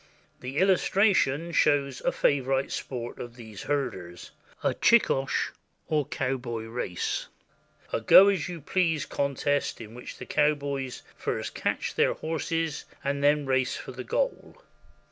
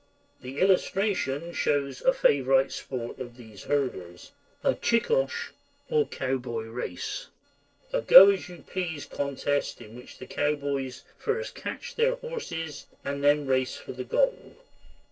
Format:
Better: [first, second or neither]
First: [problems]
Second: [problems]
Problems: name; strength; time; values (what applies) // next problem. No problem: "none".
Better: first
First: none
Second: noise reduction (neural separator model SepFormer DNS4)